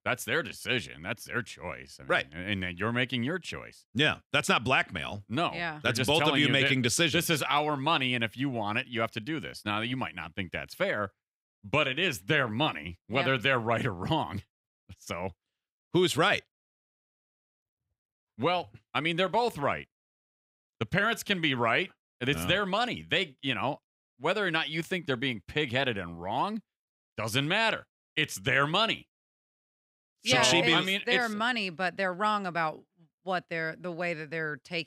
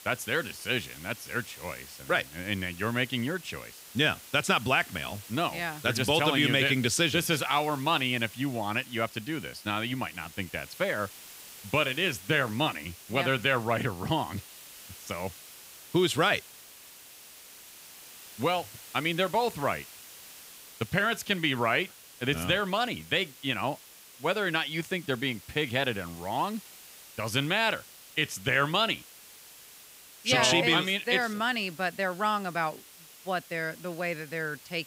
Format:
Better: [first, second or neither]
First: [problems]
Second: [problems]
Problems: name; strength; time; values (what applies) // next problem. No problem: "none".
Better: first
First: none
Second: hiss; noticeable; throughout; 20 dB below the speech